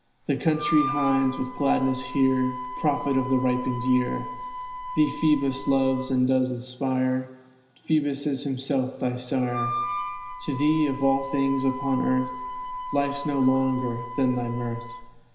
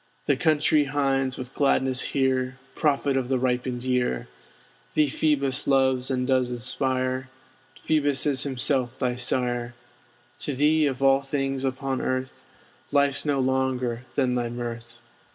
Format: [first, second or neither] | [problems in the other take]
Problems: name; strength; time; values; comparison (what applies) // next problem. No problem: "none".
second | background sound (Harmonica); 9 dB below the speech // room echo; dies away in 0.9 s